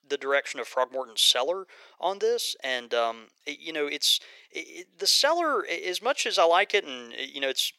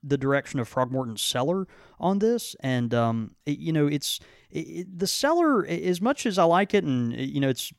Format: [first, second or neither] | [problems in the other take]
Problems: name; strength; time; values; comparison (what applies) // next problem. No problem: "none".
second | thin; very; fading below 450 Hz